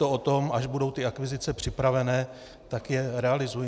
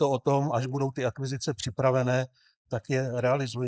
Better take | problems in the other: first | noise reduction (neural mask model Resemble Enhance denoiser)

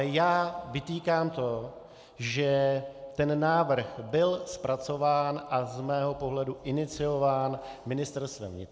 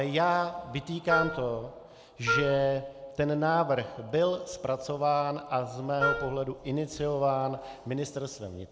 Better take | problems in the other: first | background sound (Wind instrument, woodwind instrument); 2 dB below the speech

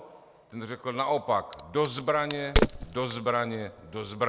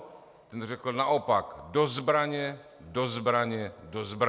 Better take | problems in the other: second | background sound (Crack); 3 dB below the speech

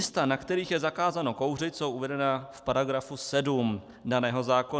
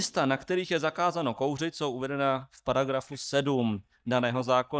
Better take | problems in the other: first | noise reduction (neural mask model DeepFilterNet 3)

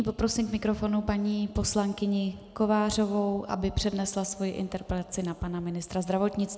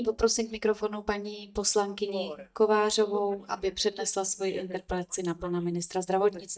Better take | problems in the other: first | noise reduction (neural mask model DeepFilterNet 3)

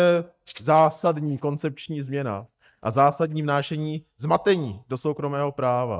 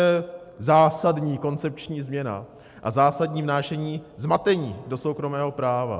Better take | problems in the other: second | noise reduction (neural mask model DeepFilterNet 3)

